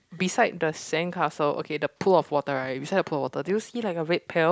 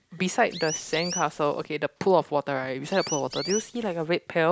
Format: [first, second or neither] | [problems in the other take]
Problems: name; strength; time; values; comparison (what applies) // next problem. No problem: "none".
first | background sound (Chirp, tweet); 10 dB below the speech